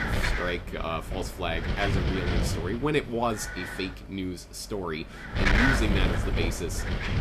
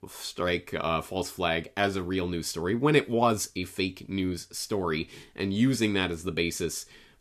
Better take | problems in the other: second | wind noise on the microphone; heavy; 2 dB above the speech

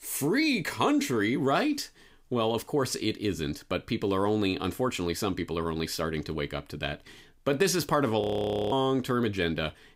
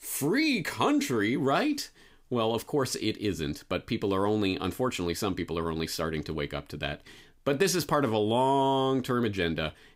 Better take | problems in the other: second | audio freezing; at 8 s for 0.5 s

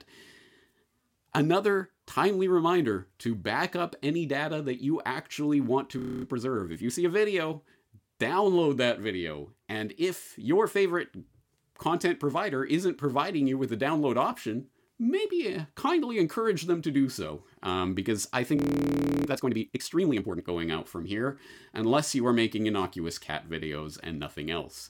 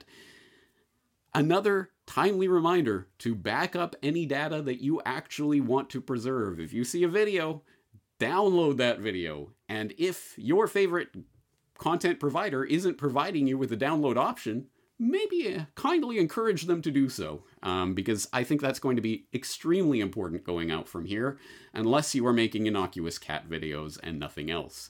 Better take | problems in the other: second | audio freezing; at 6 s and at 19 s for 0.5 s

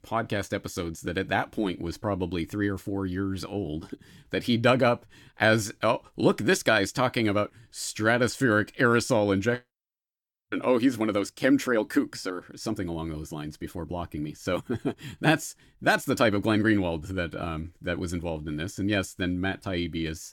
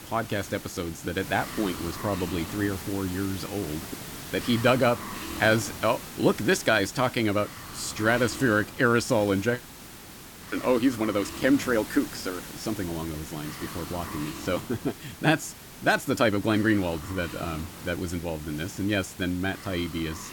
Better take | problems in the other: first | hiss; noticeable; throughout; 10 dB below the speech

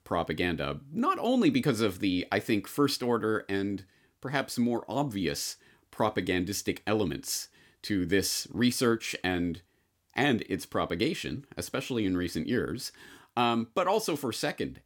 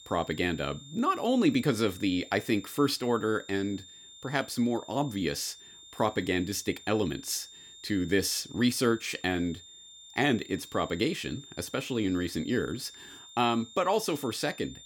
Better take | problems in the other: first | high-pitched whine; noticeable; throughout; 3.5 kHz, 20 dB below the speech

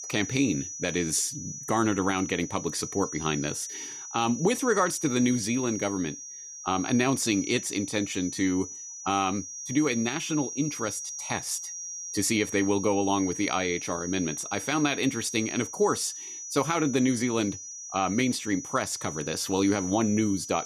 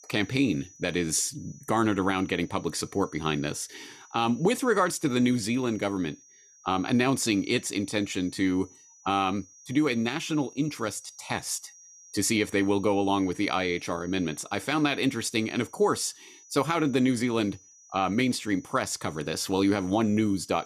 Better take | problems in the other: second | high-pitched whine; loud; throughout; 6 kHz, 8 dB below the speech; faint in the second

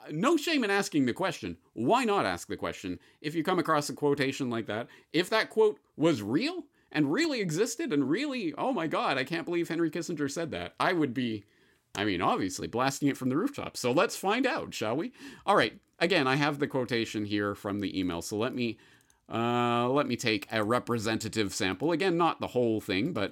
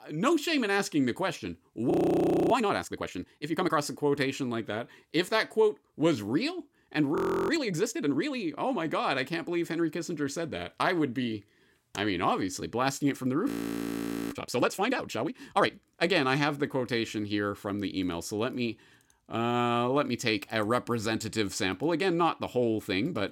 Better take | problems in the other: first | audio freezing; at 2 s for 0.5 s, at 7 s and at 13 s for 1 s

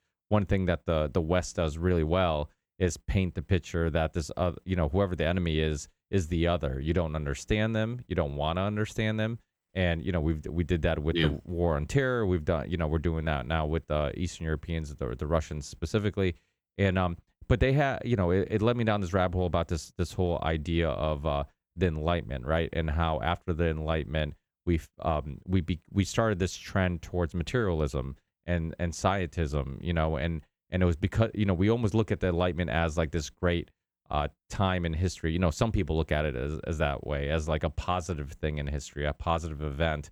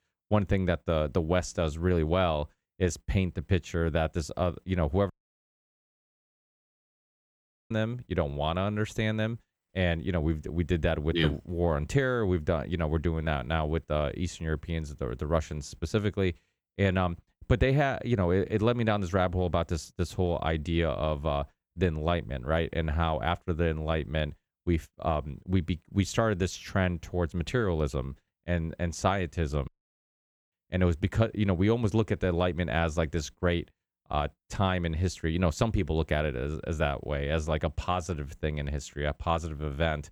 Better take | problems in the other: first | audio cutting out; at 5 s for 2.5 s and at 30 s for 1 s

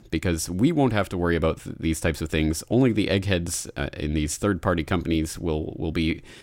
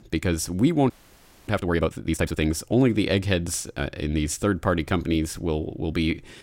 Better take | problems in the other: first | audio freezing; at 1 s for 0.5 s

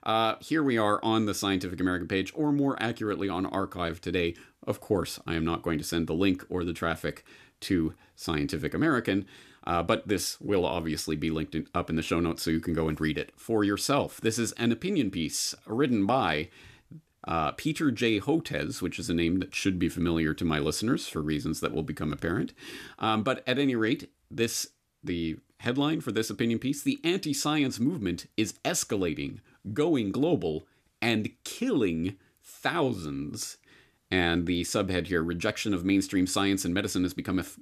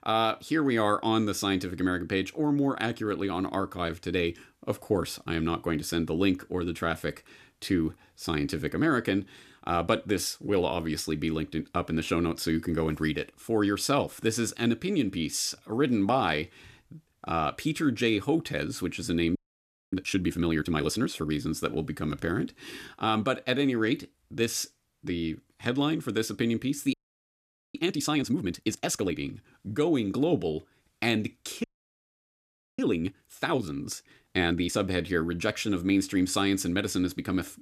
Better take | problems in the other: first | audio freezing; at 19 s for 0.5 s, at 27 s for 1 s and at 32 s for 1 s

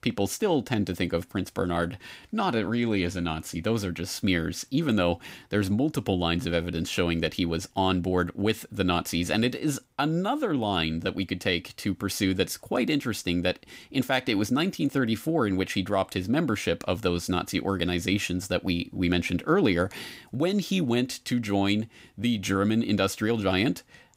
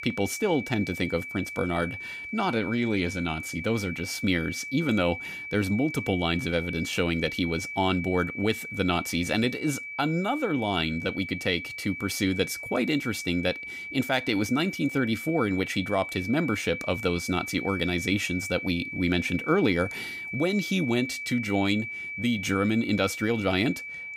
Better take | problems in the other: first | high-pitched whine; loud; throughout; 2.5 kHz, 7 dB below the speech

